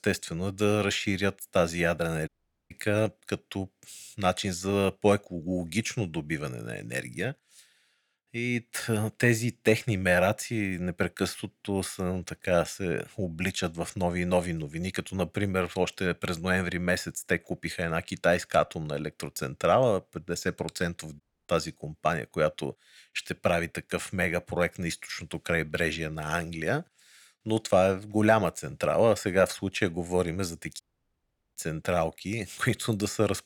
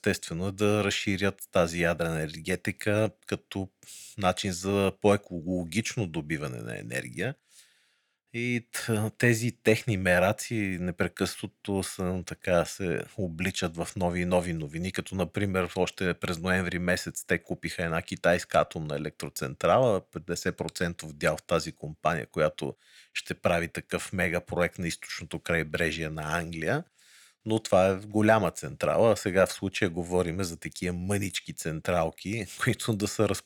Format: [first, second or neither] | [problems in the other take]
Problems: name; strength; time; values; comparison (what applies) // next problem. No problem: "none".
second | audio cutting out; at 2.5 s, at 21 s and at 31 s for 1 s